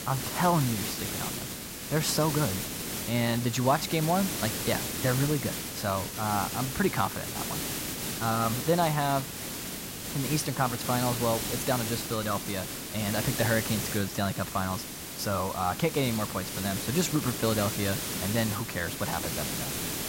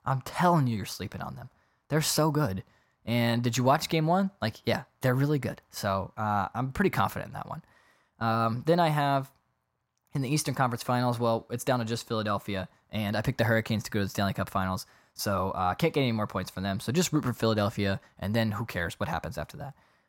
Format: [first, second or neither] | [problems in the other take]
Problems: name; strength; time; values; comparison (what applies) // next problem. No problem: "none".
second | hiss; loud; throughout; 3 dB below the speech